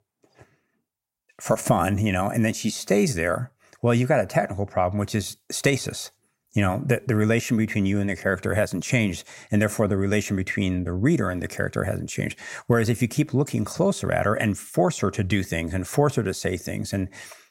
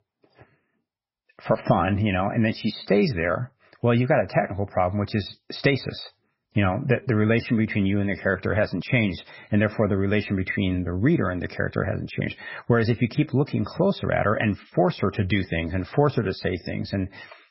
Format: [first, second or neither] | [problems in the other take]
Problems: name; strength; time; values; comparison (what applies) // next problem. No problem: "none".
first | garbled, watery; badly; nothing above 5.5 kHz